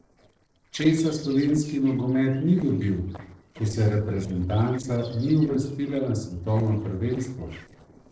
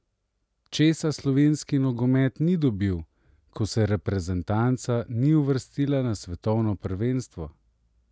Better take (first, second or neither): second